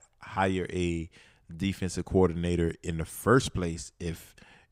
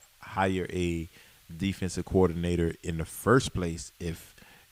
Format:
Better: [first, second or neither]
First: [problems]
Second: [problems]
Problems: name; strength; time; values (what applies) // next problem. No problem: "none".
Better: first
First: none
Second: hiss; faint; throughout; 30 dB below the speech